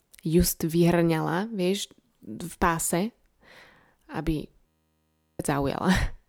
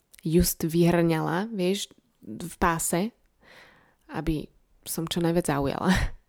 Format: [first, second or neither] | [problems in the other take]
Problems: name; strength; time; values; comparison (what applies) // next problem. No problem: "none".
second | audio freezing; at 4.5 s for 0.5 s